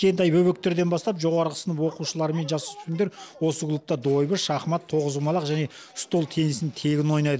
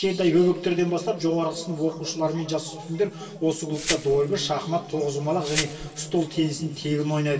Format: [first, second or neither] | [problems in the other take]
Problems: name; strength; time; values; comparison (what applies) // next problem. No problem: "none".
first | background sound (Glass); 10 dB below the speech // room echo; dies away in 2.3 s